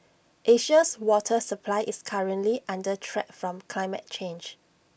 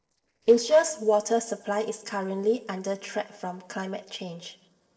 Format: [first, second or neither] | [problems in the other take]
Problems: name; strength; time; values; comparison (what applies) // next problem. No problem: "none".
first | noise reduction (neural separator model SepFormer DNS4)